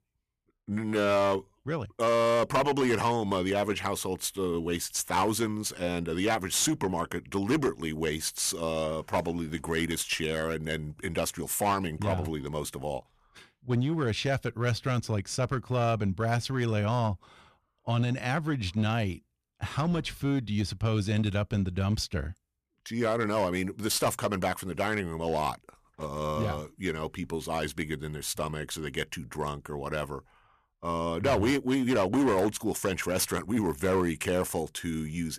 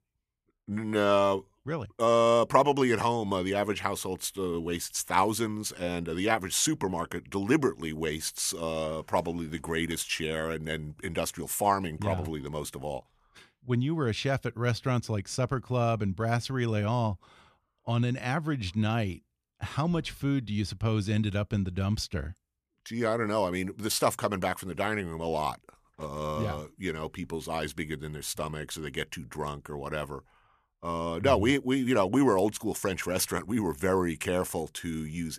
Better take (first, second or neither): second